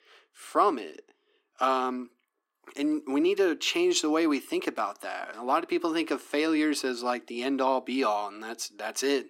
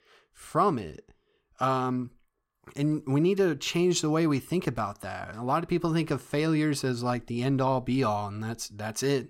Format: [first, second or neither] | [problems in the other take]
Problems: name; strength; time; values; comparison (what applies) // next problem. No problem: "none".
second | thin; very slightly; fading below 300 Hz